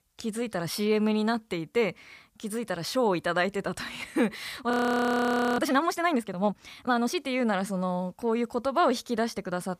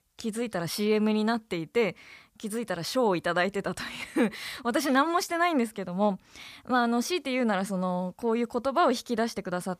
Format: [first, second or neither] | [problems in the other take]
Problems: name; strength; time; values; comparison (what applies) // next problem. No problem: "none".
second | audio freezing; at 4.5 s for 1 s